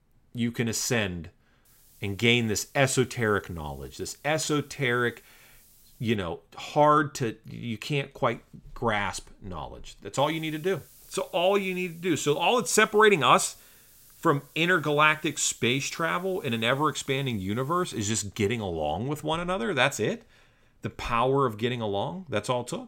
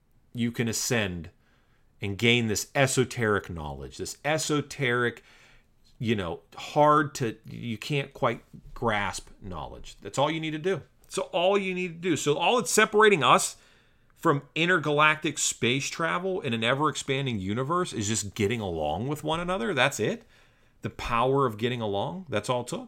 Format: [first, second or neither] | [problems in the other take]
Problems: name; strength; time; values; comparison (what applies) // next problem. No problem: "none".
second | hiss; faint; from 1.5 to 6 s and from 10 to 18 s; 25 dB below the speech